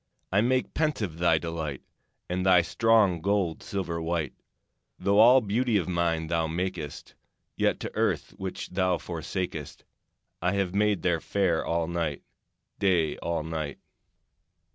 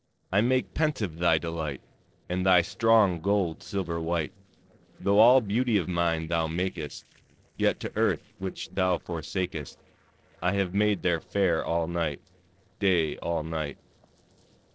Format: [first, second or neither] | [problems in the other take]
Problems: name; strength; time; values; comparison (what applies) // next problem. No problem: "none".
first | noise reduction (neural separator model SepFormer DNS4)